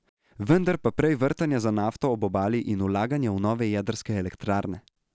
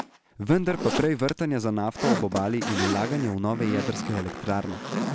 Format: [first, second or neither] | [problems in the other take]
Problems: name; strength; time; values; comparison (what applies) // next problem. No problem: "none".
first | background sound (Zipper (clothing)); 5 dB below the speech